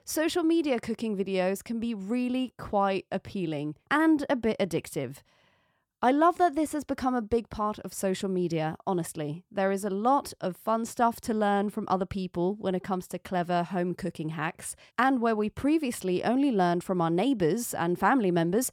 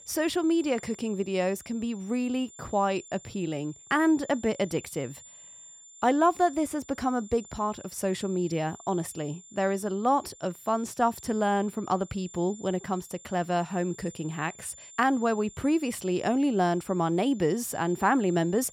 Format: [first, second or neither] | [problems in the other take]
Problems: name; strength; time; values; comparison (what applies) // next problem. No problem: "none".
first | high-pitched whine; noticeable; throughout; 7 kHz, 20 dB below the speech